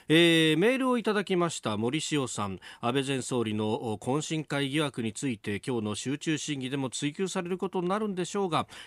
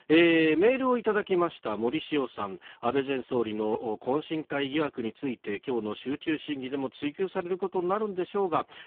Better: first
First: none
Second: phone-call audio; poor line

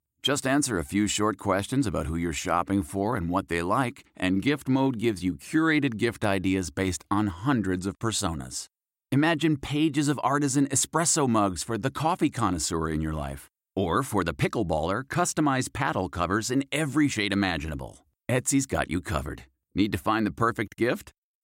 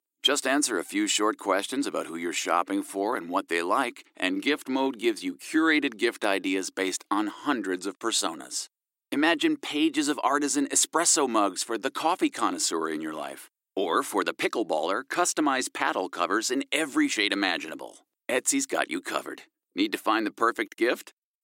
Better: first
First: none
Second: thin; very slightly; fading below 300 Hz

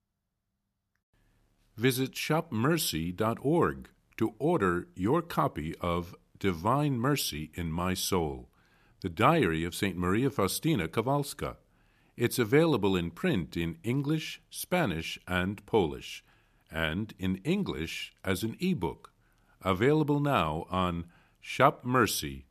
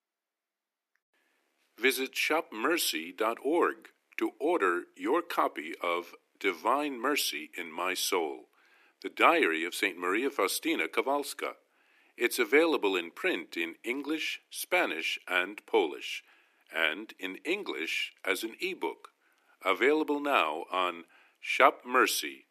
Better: first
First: none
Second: thin; somewhat; fading below 300 Hz

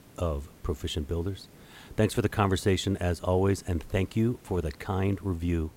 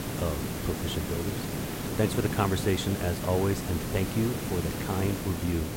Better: first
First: hiss; faint; throughout; 25 dB below the speech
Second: hiss; loud; throughout; 3 dB below the speech

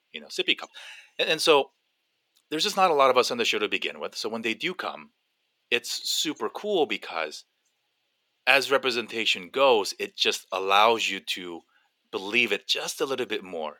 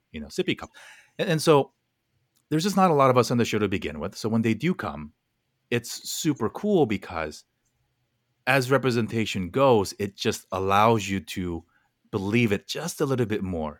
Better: second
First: thin; somewhat; fading below 450 Hz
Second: none

